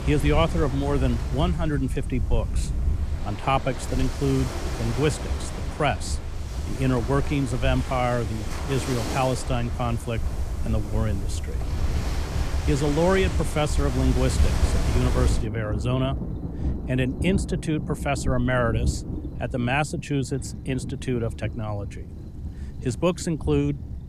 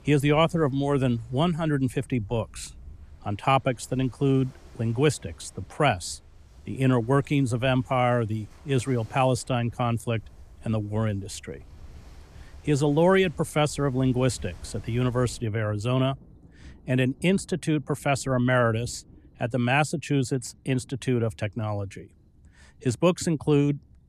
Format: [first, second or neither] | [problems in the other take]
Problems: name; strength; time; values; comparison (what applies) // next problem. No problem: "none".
second | rain or running water; loud; throughout; 3 dB below the speech; faint in the second